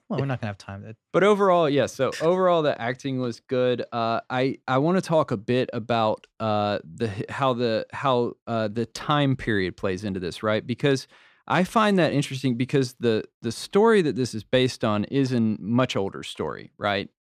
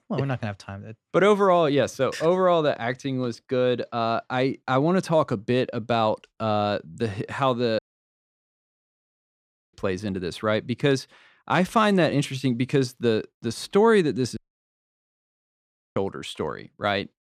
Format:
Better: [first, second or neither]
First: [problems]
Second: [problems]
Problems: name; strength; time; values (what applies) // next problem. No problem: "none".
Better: first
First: none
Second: audio cutting out; at 8 s for 2 s and at 14 s for 1.5 s